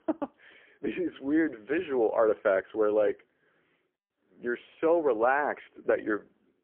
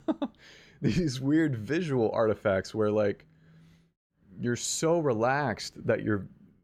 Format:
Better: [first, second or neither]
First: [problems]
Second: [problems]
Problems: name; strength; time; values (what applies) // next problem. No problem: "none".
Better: second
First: phone-call audio; poor line; nothing above 3 kHz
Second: none